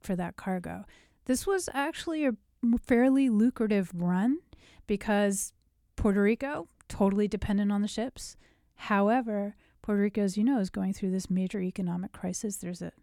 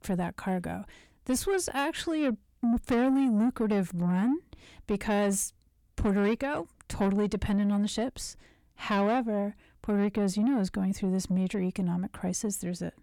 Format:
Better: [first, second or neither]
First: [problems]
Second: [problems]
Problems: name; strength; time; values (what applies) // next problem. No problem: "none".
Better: first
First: none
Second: distortion; slight; 10 dB below the speech